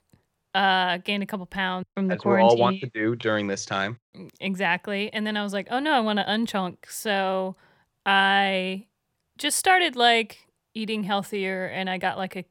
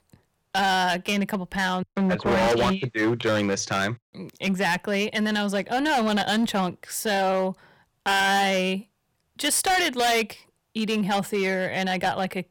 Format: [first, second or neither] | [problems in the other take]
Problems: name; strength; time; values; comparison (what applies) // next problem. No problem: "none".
first | distortion; heavy; 13% of the sound clipped